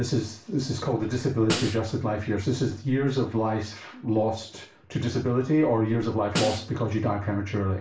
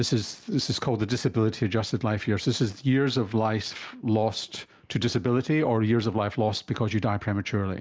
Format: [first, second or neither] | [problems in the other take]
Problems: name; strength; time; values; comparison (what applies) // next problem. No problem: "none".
second | background sound (Snare drum); 9 dB below the speech // room echo; dies away in 0.3 s